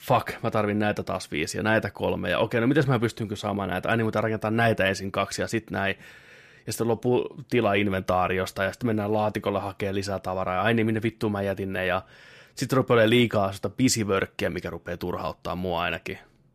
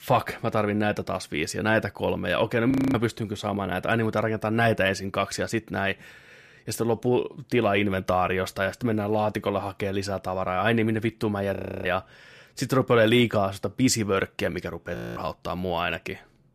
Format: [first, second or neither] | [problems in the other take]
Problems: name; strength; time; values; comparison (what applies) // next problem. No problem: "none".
first | audio freezing; at 2.5 s, at 12 s and at 15 s